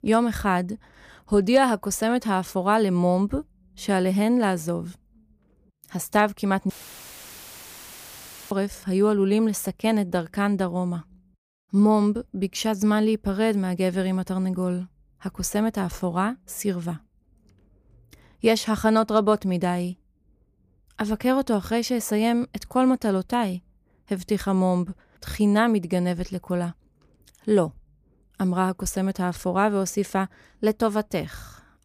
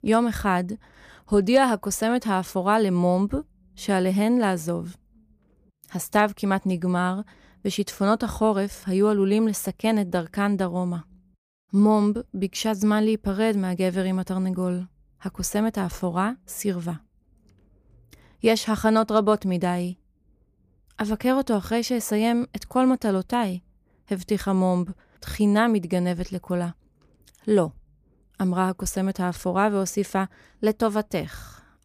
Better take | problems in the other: second | audio cutting out; filled with static; at 6.5 s for 2 s

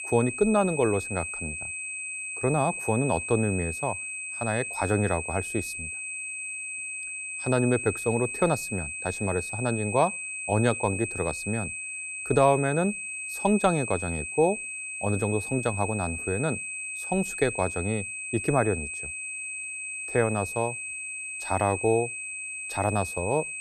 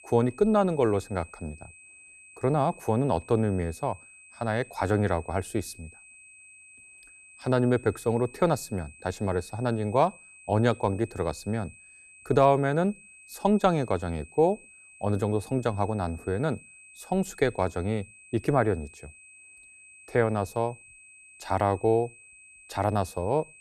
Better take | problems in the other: second | high-pitched whine; loud; throughout; 2.5 kHz, 5 dB below the speech; faint in the second

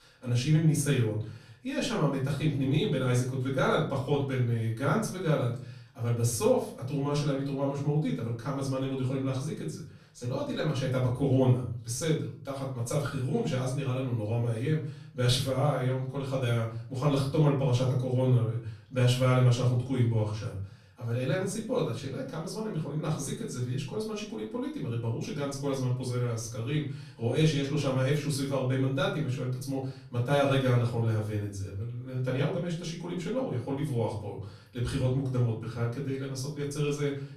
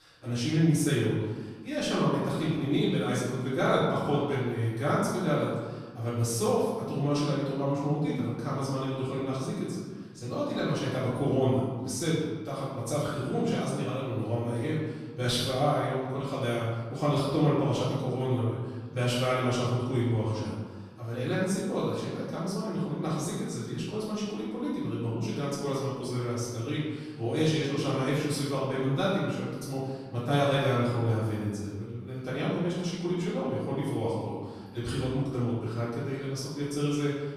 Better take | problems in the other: first | room echo; strong; dies away in 1.3 s; slight in the first // off-mic speech; far; far in the first

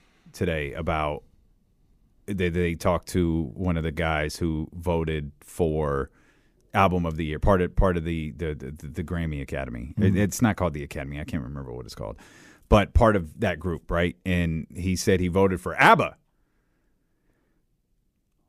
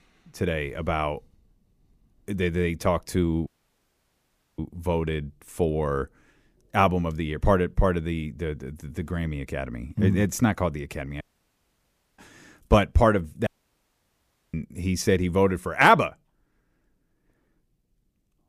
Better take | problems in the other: first | audio cutting out; at 3.5 s for 1 s, at 11 s for 1 s and at 13 s for 1 s

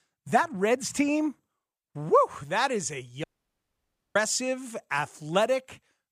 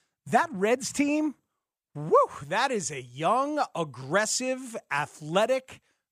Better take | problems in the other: second | audio cutting out; at 3 s for 1 s

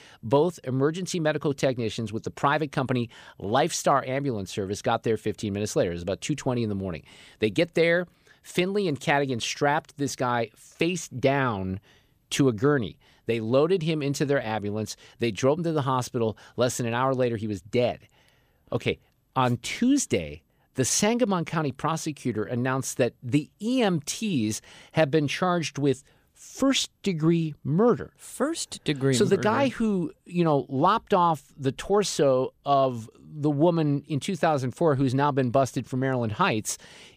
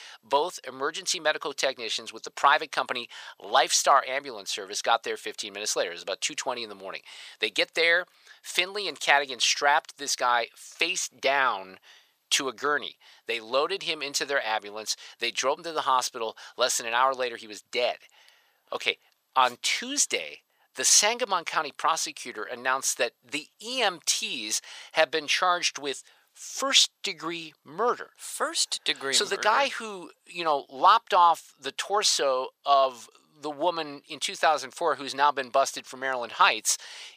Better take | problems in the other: first | thin; very; fading below 900 Hz

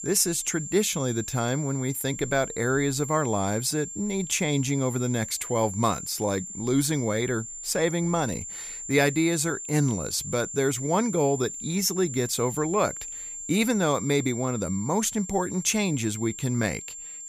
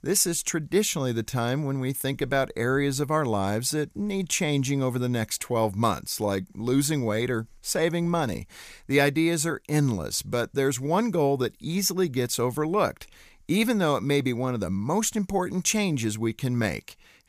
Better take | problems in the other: second | high-pitched whine; loud; throughout; 7.5 kHz, 9 dB below the speech

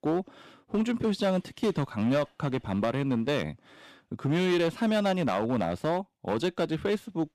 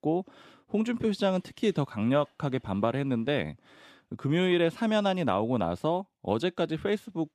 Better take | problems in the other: second | distortion; slight; 7% of the sound clipped

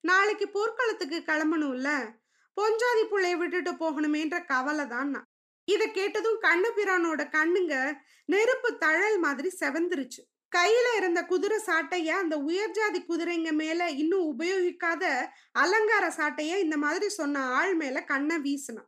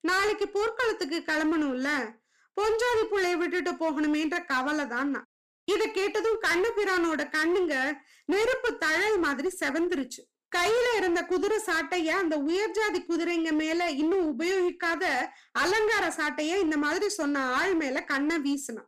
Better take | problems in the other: first | distortion; slight; 16% of the sound clipped

